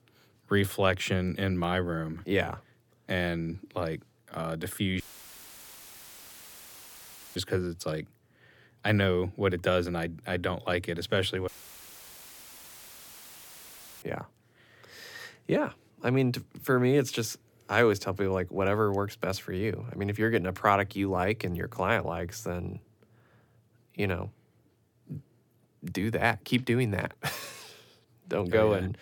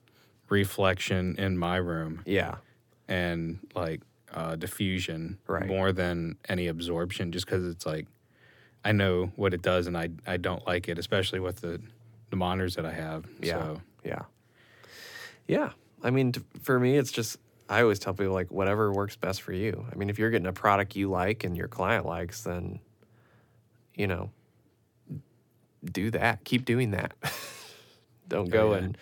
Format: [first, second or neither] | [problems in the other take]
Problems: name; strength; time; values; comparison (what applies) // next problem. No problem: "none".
second | audio cutting out; filled with static; at 5 s for 2.5 s and at 11 s for 2.5 s